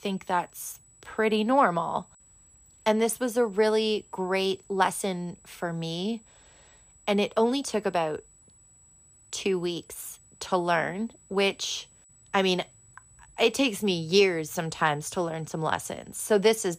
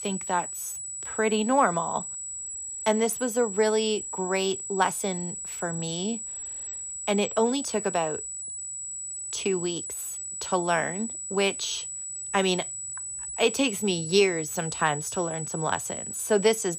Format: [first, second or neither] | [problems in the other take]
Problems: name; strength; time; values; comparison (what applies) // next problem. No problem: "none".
first | high-pitched whine; loud; throughout; 8 kHz, 6 dB below the speech; faint in the first